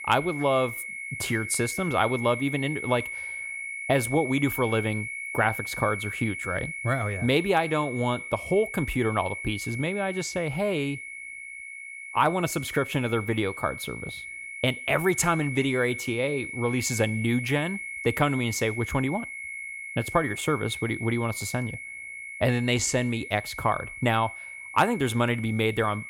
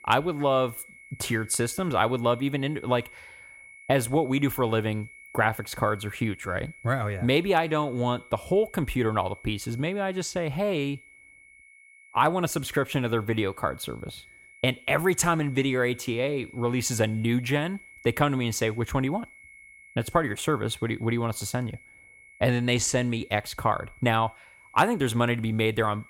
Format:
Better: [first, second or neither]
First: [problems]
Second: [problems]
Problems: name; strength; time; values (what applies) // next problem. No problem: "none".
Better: second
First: high-pitched whine; loud; throughout; 2 kHz, 8 dB below the speech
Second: high-pitched whine; faint; throughout; 2 kHz, 20 dB below the speech